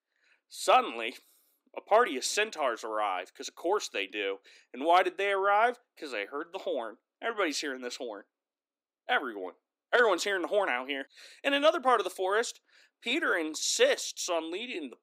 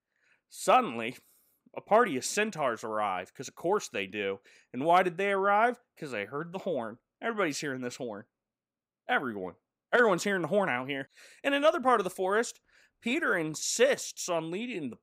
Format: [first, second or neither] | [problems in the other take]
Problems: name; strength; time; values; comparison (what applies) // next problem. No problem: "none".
second | thin; very slightly; fading below 300 Hz